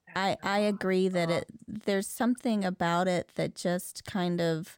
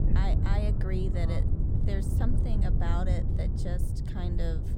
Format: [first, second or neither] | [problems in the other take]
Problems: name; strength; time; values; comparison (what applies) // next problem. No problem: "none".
first | wind noise on the microphone; heavy; 2 dB below the speech